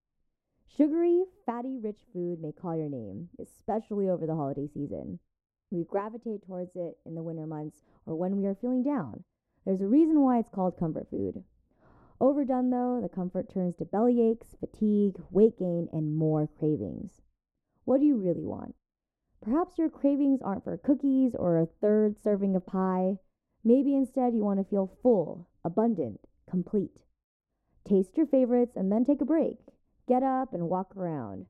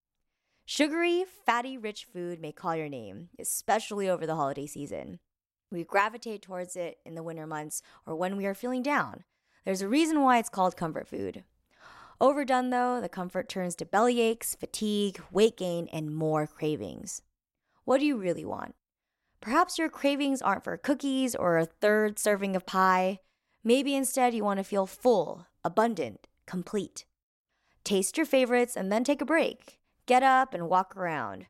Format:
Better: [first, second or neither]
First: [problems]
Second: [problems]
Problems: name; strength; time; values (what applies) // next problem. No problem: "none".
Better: second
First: muffled; very; fading above 1 kHz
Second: none